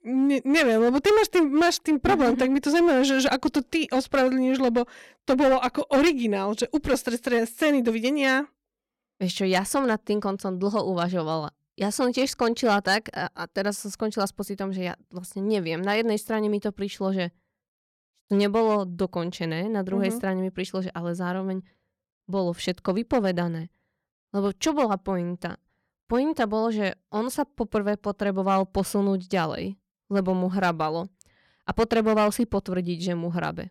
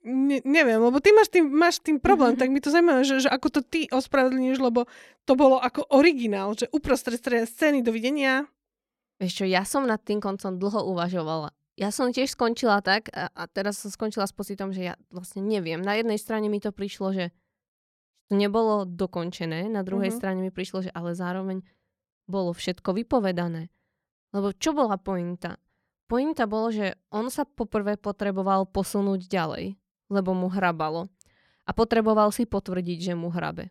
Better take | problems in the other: second | distortion; slight; 4% of the sound clipped

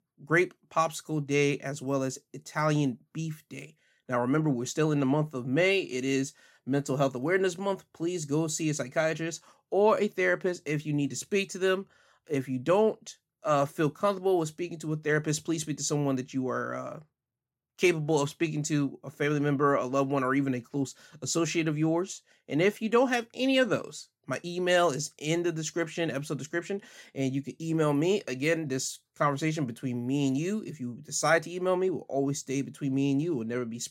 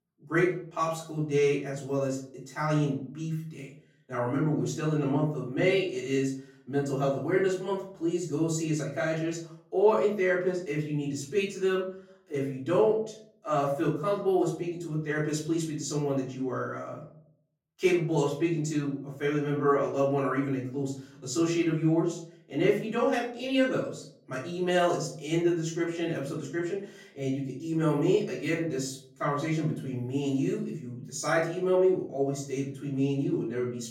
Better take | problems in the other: first | off-mic speech; far // room echo; slight; dies away in 0.5 s

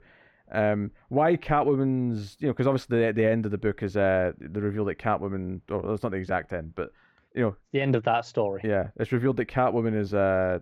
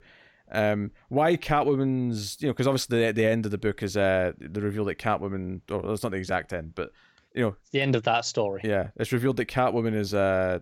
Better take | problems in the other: second | muffled; slightly; fading above 3.5 kHz

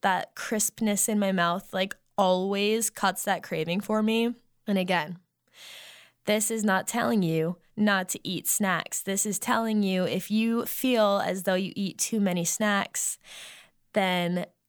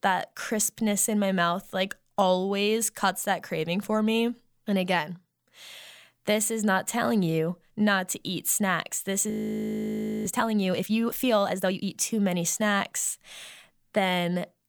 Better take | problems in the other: first | audio freezing; at 9.5 s for 1 s

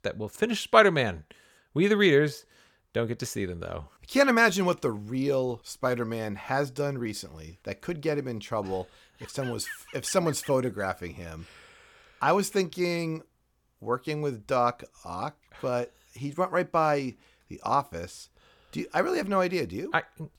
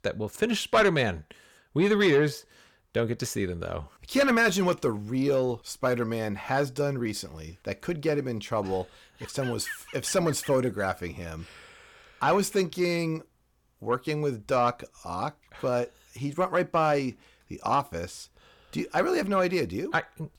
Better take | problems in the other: first | distortion; slight; 10 dB below the speech

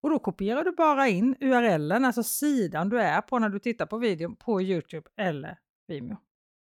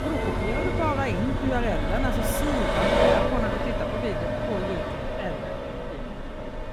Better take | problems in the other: first | traffic noise; very loud; throughout; 4 dB above the speech

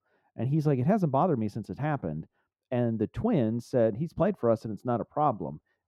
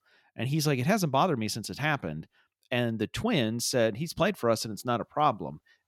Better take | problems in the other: second | muffled; very; fading above 1.5 kHz

